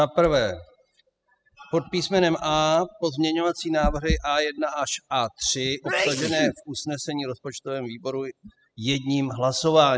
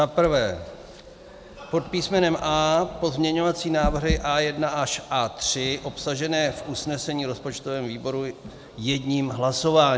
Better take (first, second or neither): second